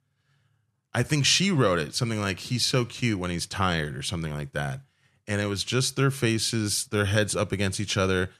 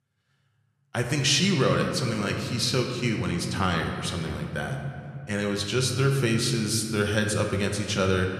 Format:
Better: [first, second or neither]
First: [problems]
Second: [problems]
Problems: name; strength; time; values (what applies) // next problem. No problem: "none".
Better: first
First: none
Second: room echo; slight; dies away in 2 s